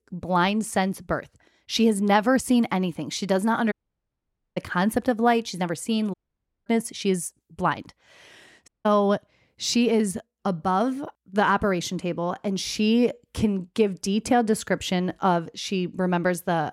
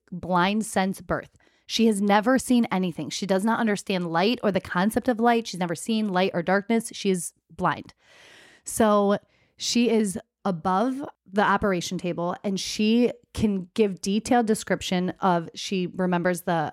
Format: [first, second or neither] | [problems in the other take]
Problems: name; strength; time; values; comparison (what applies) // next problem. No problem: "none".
second | audio cutting out; at 3.5 s for 1 s, at 6 s for 0.5 s and at 8.5 s